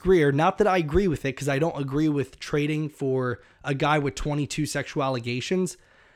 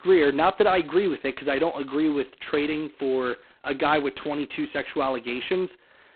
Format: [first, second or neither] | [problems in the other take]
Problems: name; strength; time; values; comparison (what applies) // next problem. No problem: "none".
first | phone-call audio; poor line; nothing above 4 kHz